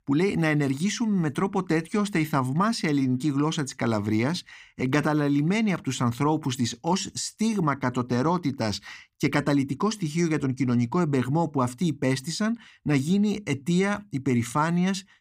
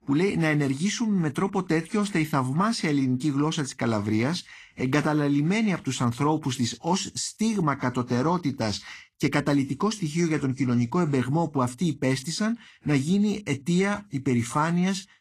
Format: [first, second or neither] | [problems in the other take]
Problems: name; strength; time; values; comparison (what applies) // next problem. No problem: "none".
first | garbled, watery; slightly; nothing above 12.5 kHz